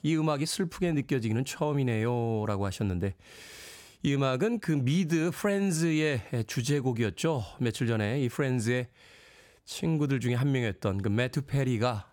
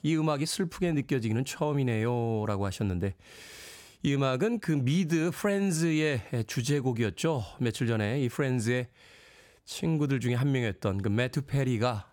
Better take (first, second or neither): neither